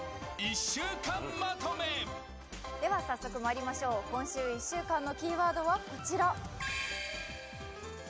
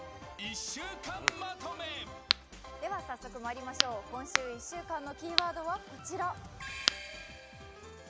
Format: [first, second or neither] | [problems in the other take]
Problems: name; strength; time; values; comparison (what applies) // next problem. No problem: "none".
first | background sound (Crack); 3 dB above the speech